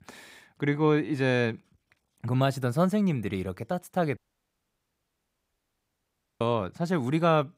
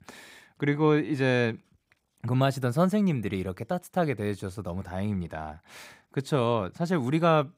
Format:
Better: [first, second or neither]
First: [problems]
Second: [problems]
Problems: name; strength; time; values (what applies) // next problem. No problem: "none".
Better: second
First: audio cutting out; at 4 s for 2 s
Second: none